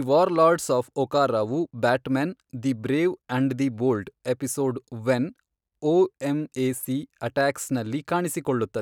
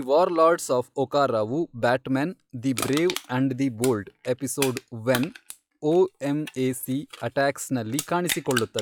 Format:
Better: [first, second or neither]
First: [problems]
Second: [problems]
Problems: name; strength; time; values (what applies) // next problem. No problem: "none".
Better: first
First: none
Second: noise reduction (classical method log-MMSE)